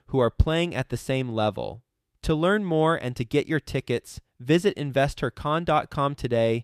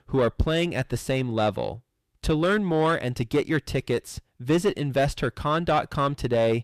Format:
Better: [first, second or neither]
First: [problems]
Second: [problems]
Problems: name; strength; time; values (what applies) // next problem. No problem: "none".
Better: first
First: none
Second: distortion; slight; 10 dB below the speech